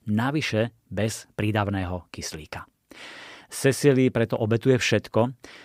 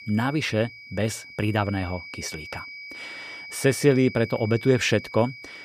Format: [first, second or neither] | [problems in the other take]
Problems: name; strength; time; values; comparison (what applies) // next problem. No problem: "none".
first | high-pitched whine; noticeable; throughout; 2.5 kHz, 15 dB below the speech